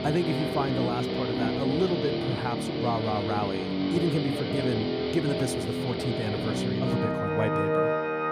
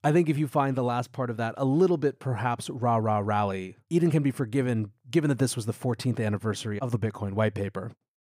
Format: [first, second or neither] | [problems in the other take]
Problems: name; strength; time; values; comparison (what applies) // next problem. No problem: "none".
second | background music; very loud; throughout; 2 dB above the speech